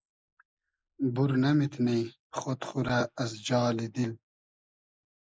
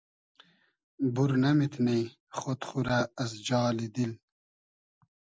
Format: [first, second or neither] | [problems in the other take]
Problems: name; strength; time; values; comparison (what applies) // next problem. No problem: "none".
second | noise reduction (neural mask model Resemble Enhance denoiser)